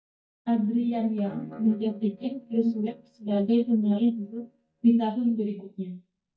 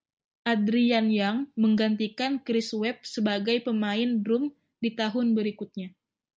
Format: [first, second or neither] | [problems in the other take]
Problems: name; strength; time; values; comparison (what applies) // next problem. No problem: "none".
second | noise reduction (neural mask model DeepFilterNet 3)